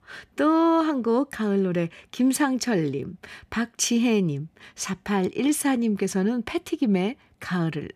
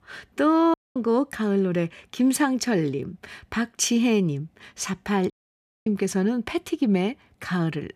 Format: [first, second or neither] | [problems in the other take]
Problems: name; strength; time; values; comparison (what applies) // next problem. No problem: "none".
first | audio cutting out; at 0.5 s and at 5.5 s for 0.5 s